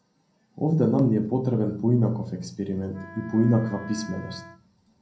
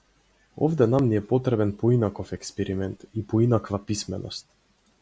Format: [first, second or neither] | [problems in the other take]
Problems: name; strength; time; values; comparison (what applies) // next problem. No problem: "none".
second | background sound (Wind instrument, woodwind instrument); 19 dB below the speech // room echo; dies away in 0.6 s